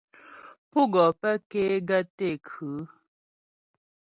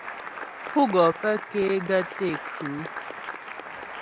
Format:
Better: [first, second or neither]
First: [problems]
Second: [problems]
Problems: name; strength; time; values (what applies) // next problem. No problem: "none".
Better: first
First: none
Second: background sound (Applause); 10 dB below the speech